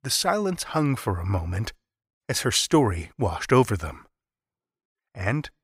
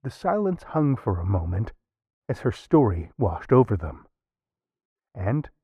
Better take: first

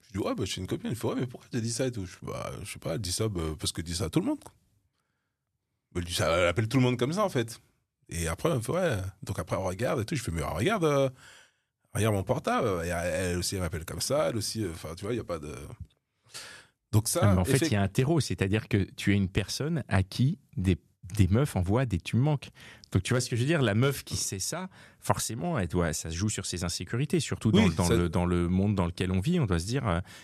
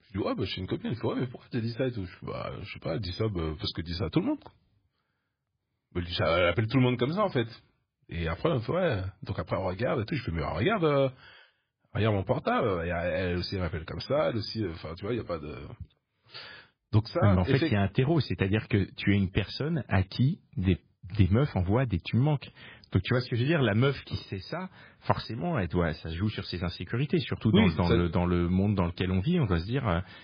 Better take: first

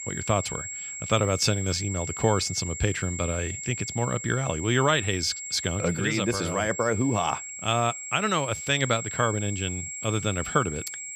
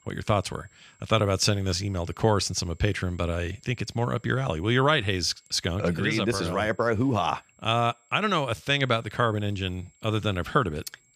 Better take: second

